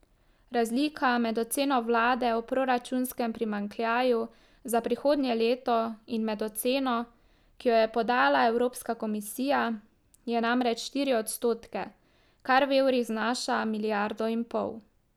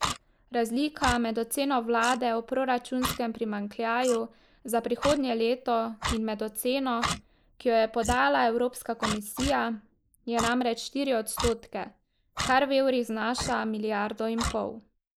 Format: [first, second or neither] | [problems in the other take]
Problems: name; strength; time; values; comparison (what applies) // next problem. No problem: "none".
first | noise reduction (neural mask model Resemble Enhance denoiser)